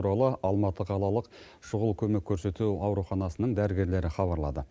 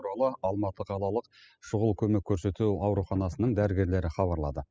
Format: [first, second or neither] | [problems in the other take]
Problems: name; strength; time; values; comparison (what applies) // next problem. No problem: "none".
first | noise reduction (classical method spectral subtraction)